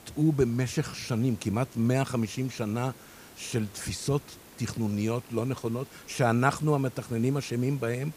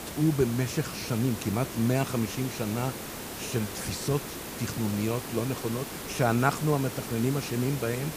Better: first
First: hiss; faint; throughout; 20 dB below the speech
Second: hiss; loud; throughout; 7 dB below the speech

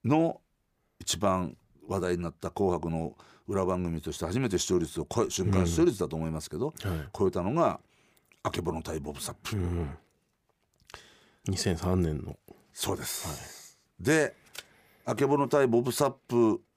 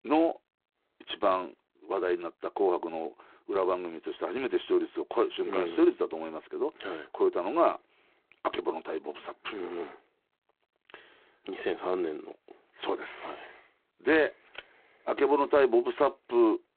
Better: first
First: none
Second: phone-call audio; poor line

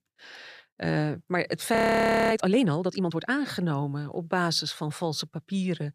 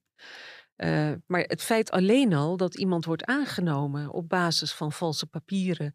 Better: second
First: audio freezing; at 2 s for 0.5 s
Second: none

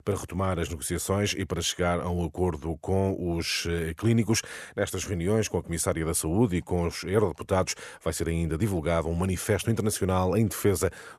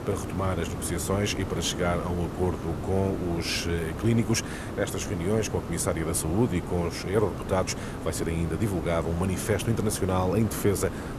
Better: first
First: none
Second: hiss; loud; throughout; 7 dB below the speech

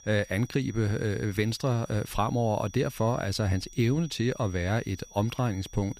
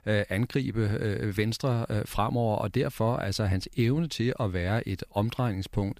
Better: second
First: high-pitched whine; faint; throughout; 6 kHz, 20 dB below the speech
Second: none

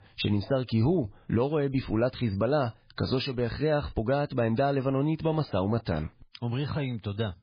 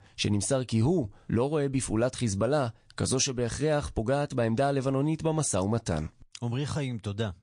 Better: second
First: garbled, watery; badly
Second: garbled, watery; slightly

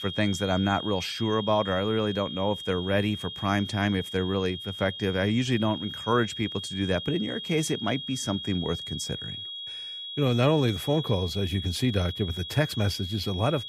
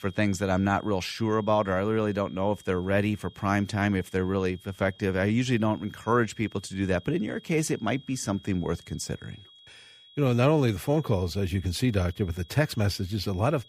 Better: second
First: high-pitched whine; loud; throughout; 3.5 kHz, 8 dB below the speech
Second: high-pitched whine; faint; throughout; 3.5 kHz, 25 dB below the speech

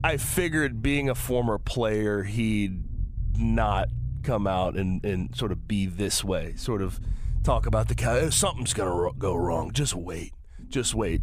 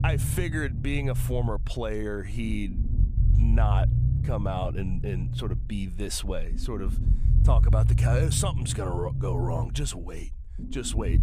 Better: first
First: low rumble; faint; throughout; 20 dB below the speech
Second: low rumble; loud; throughout; 8 dB below the speech

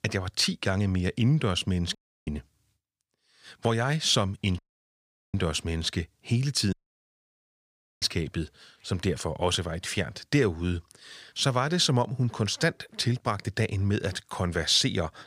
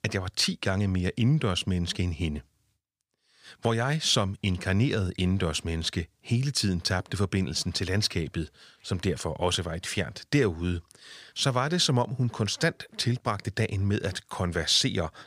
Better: second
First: audio cutting out; at 2 s, at 4.5 s for 1 s and at 6.5 s for 1.5 s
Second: none

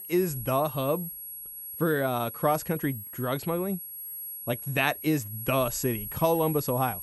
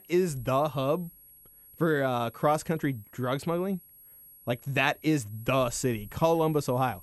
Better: second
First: high-pitched whine; loud; throughout; 11.5 kHz, 8 dB below the speech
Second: high-pitched whine; faint; throughout; 11.5 kHz, 20 dB below the speech

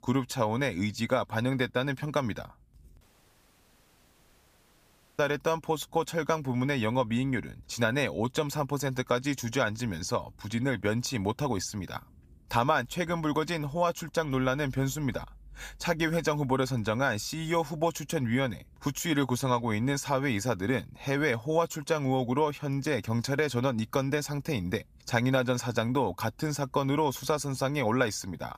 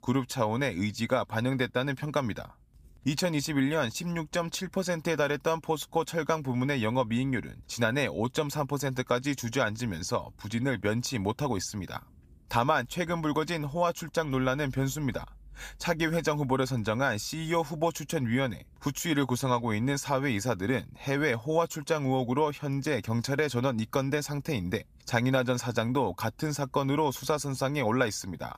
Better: second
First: audio cutting out; at 3 s for 2 s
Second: none

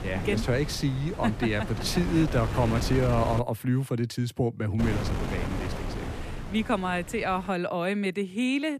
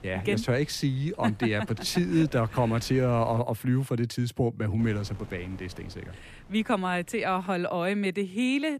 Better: second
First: wind noise on the microphone; heavy; until 3.5 s and from 5 to 7.5 s; 8 dB below the speech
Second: wind noise on the microphone; occasional gusts; until 3.5 s and from 5 to 7.5 s; 25 dB below the speech

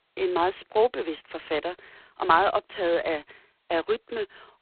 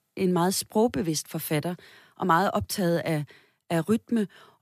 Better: second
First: phone-call audio; poor line; nothing above 4 kHz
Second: none

